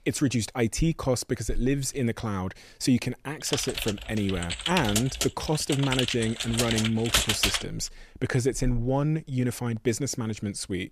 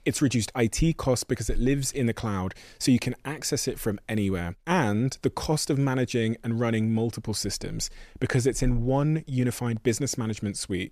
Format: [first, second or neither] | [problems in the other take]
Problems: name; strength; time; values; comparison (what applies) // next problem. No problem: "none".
second | keyboard typing; loud; from 3.5 to 7.5 s; peak 6 dB above the speech